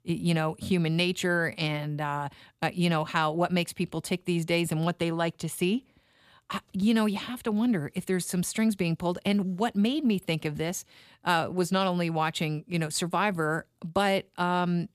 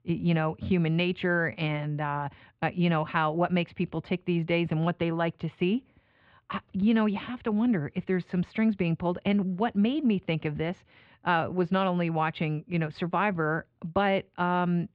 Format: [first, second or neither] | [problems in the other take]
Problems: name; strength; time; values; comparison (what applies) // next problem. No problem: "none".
first | muffled; very; fading above 3 kHz